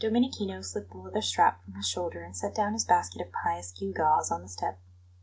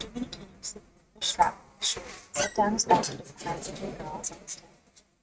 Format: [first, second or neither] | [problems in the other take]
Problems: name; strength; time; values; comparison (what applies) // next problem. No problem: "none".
first | noise reduction (neural mask model RNNoise)